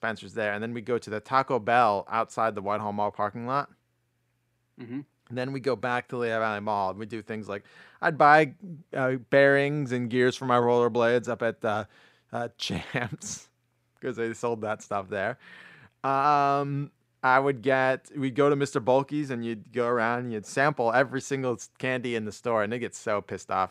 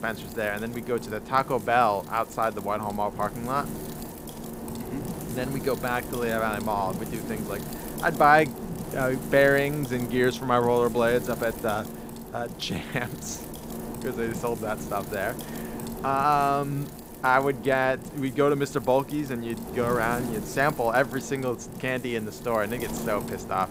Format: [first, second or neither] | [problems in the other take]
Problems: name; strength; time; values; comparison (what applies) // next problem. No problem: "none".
first | wind noise on the microphone; occasional gusts; 15 dB below the speech